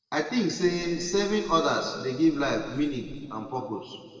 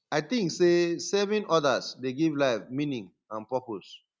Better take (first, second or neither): second